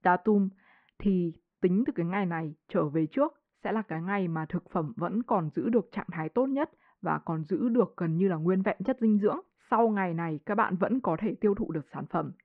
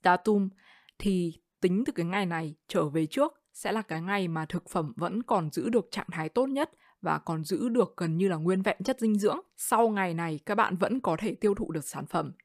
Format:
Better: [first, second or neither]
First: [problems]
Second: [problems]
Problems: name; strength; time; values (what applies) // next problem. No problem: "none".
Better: second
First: muffled; very; fading above 2 kHz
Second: none